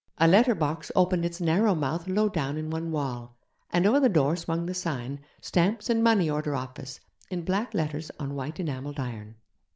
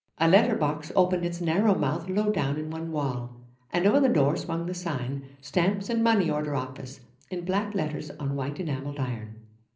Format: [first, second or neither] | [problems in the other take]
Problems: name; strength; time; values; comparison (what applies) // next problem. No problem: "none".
first | room echo; dies away in 0.5 s